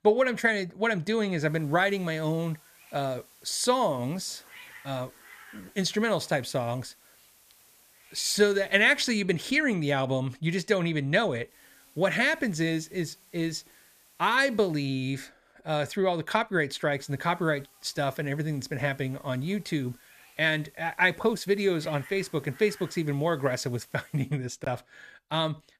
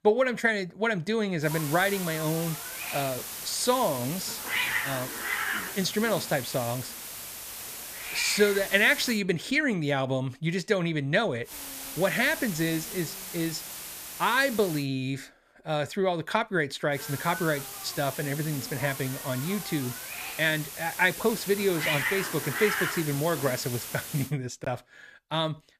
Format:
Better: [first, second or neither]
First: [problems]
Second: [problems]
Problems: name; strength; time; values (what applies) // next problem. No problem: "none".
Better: first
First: hiss; faint; from 1.5 to 9 s, from 12 to 15 s and from 17 to 24 s; 25 dB below the speech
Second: hiss; loud; from 1.5 to 9 s, from 12 to 15 s and from 17 to 24 s; 5 dB below the speech